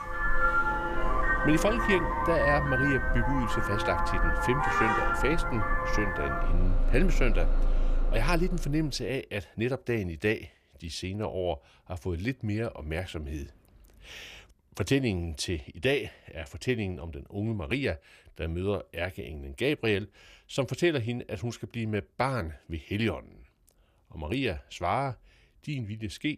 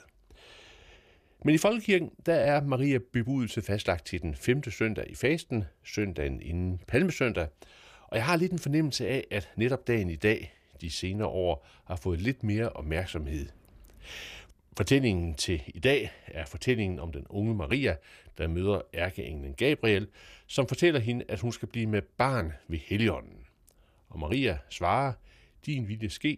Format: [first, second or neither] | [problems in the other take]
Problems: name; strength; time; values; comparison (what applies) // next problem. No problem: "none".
second | traffic noise; very loud; until 8.5 s; 2 dB above the speech